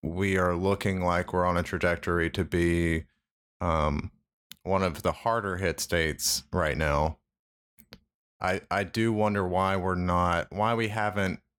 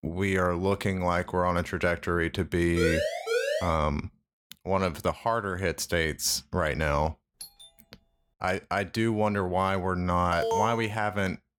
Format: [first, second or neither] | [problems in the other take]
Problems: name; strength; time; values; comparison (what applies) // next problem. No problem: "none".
first | siren; loud; from 3 to 4 s; peak level with the speech // doorbell; faint; at 7.5 s; peak 15 dB below the speech // alarm; noticeable; at 10 s; peak 1 dB below the speech